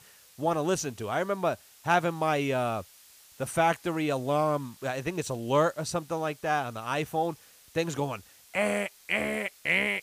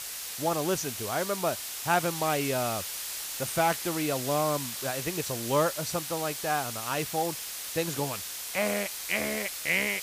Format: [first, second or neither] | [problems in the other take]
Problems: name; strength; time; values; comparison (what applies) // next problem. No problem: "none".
first | hiss; loud; throughout; 4 dB below the speech; faint in the first